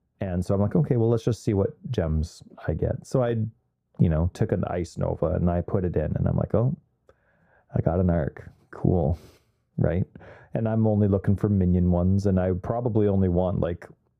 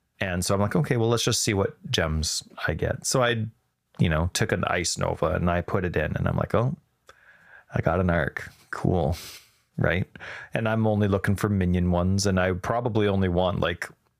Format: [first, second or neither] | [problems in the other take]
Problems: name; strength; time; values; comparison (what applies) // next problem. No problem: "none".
second | muffled; very; fading above 1 kHz